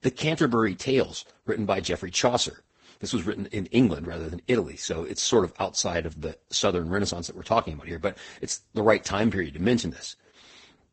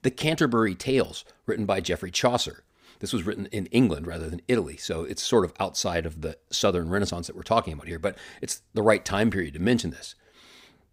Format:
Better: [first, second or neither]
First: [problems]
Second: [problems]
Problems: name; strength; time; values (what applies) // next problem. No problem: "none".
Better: second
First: garbled, watery; badly; nothing above 8 kHz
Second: none